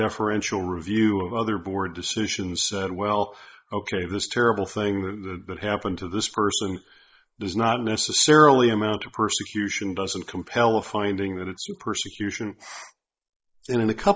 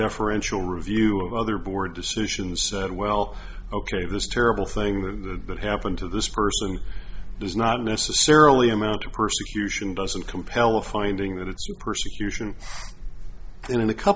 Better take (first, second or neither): second